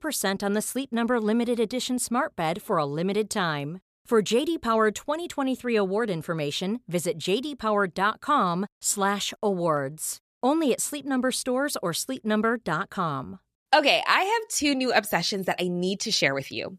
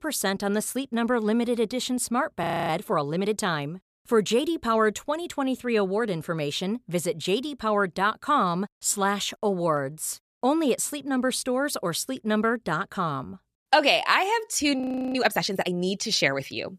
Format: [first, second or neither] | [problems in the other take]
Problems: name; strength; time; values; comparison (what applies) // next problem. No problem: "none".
first | audio freezing; at 2.5 s and at 15 s